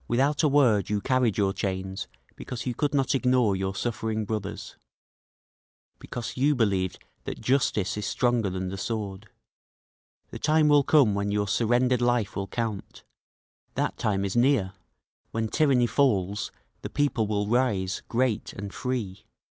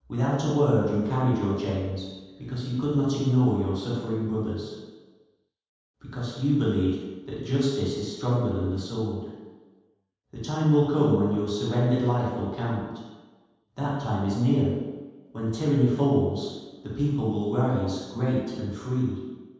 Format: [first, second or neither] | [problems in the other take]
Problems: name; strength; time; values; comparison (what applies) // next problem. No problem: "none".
first | room echo; dies away in 1.2 s